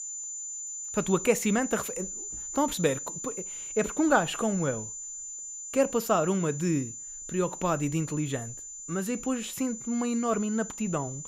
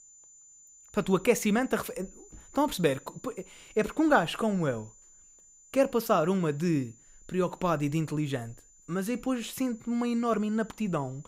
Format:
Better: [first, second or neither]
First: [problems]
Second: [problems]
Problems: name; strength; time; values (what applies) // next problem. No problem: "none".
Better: second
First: high-pitched whine; loud; throughout; 7 kHz, 7 dB below the speech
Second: high-pitched whine; faint; throughout; 7 kHz, 25 dB below the speech